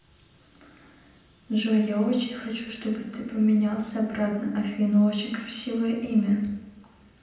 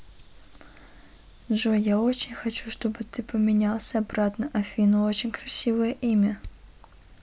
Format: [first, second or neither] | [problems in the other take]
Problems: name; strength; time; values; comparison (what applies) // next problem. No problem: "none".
second | room echo; dies away in 0.9 s